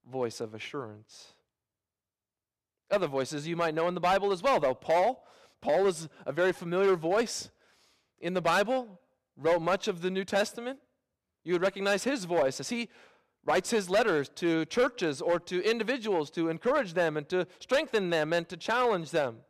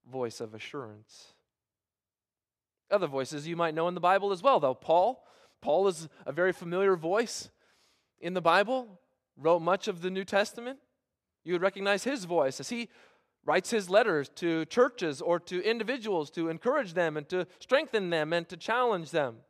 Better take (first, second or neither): second